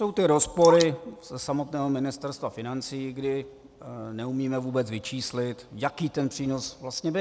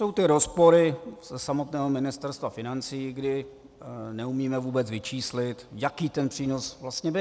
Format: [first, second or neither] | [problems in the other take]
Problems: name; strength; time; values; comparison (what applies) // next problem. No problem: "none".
second | background sound (Drip); 11 dB below the speech